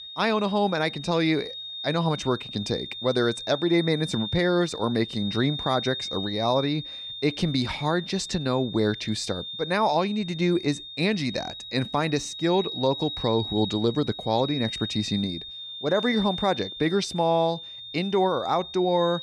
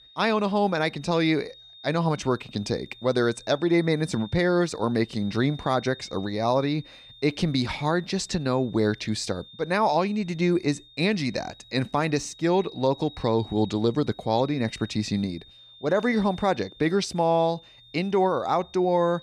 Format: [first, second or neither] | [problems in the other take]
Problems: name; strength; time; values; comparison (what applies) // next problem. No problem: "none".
second | high-pitched whine; loud; throughout; 3.5 kHz, 8 dB below the speech; faint in the second